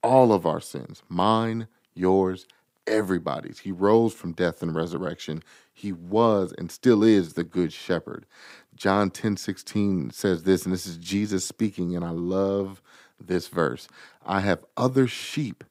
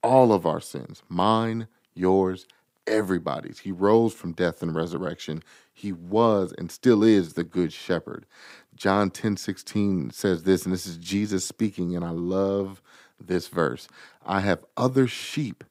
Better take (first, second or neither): neither